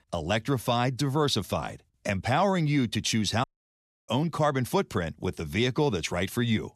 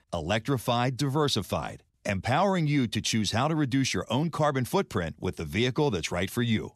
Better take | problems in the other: second | audio cutting out; at 3.5 s for 0.5 s

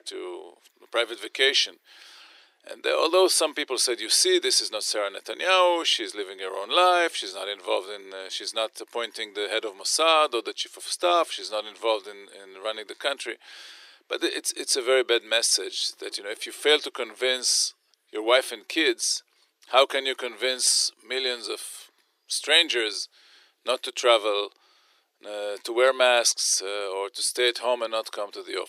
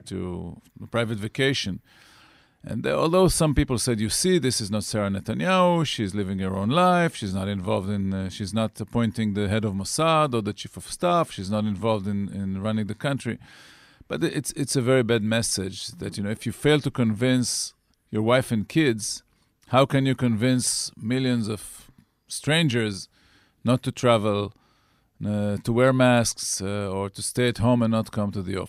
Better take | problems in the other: second | thin; very; fading below 350 Hz

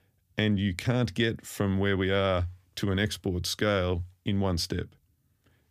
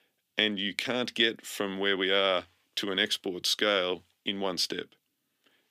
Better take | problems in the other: first | thin; somewhat; fading below 250 Hz

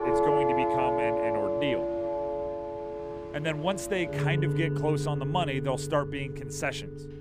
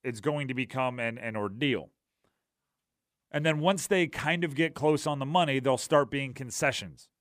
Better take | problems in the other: second | background music; very loud; throughout; 2 dB above the speech

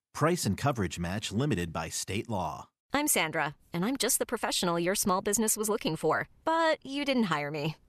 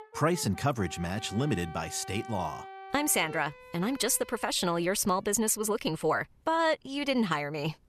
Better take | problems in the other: first | background music; noticeable; until 5 s; 15 dB below the speech

